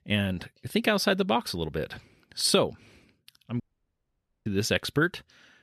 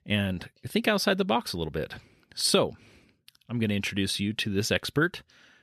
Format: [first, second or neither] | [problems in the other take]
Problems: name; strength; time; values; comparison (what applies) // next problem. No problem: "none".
second | audio cutting out; at 3.5 s for 1 s